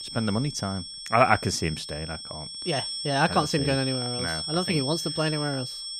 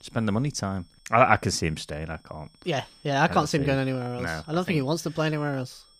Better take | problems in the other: second | high-pitched whine; loud; throughout; 5.5 kHz, 5 dB below the speech; faint in the second

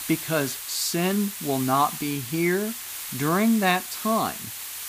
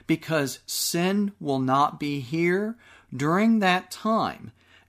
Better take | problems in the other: second | hiss; loud; throughout; 7 dB below the speech

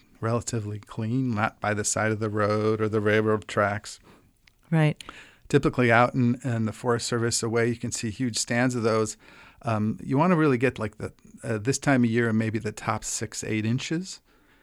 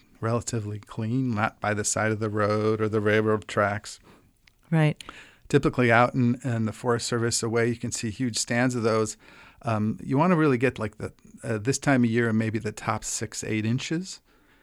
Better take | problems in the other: neither | none

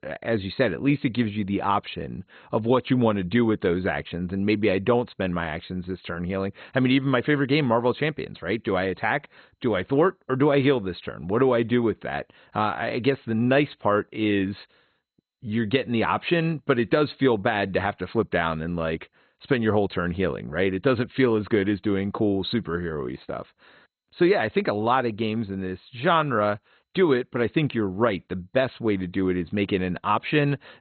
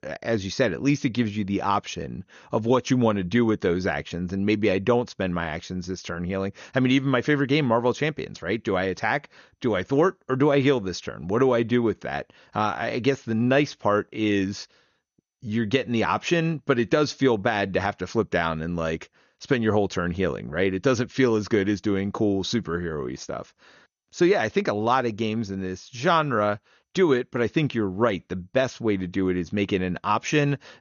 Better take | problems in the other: second | garbled, watery; badly; nothing above 4 kHz; slightly in the second

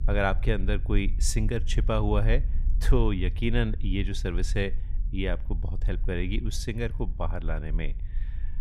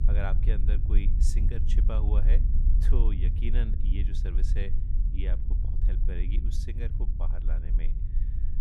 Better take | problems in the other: first | low rumble; loud; throughout; 5 dB below the speech; faint in the first

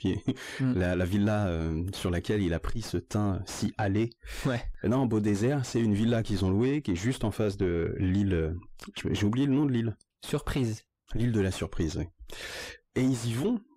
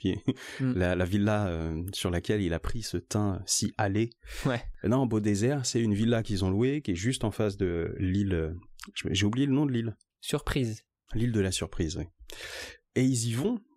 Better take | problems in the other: second | distortion; slight; 10 dB below the speech

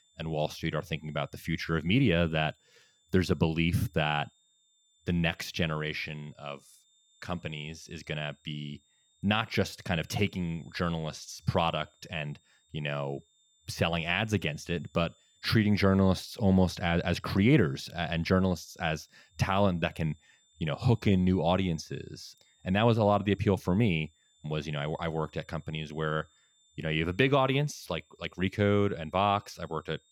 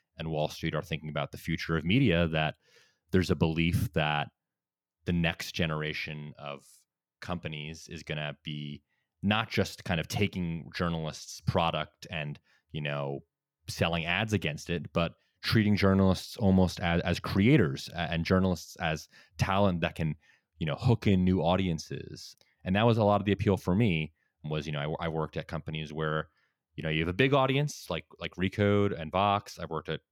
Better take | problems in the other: second | high-pitched whine; faint; throughout; 3.5 kHz, 35 dB below the speech

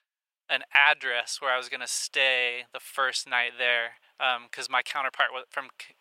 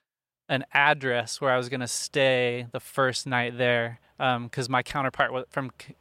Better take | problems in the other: second | thin; very; fading below 800 Hz

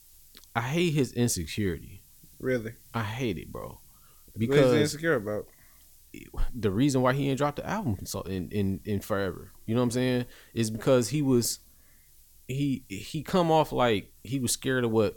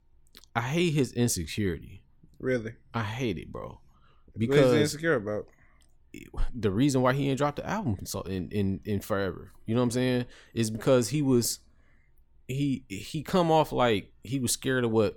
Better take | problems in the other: second | hiss; faint; throughout; 25 dB below the speech

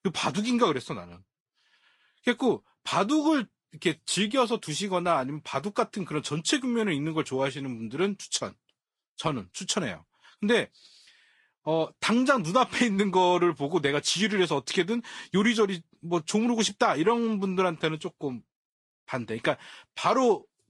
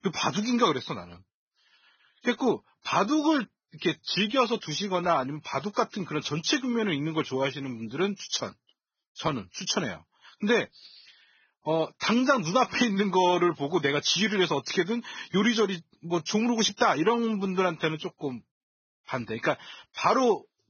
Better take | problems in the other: first | garbled, watery; badly; nothing above 6.5 kHz; slightly in the first

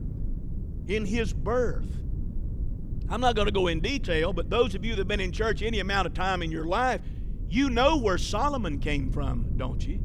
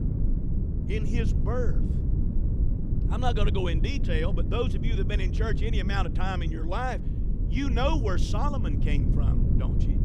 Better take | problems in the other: first | low rumble; loud; throughout; 8 dB below the speech; faint in the first

